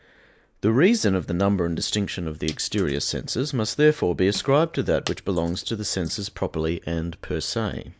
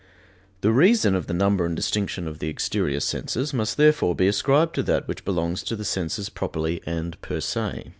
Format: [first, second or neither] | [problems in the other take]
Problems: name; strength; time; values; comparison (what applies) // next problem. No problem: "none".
second | noise reduction (neural mask model Resemble Enhance denoiser)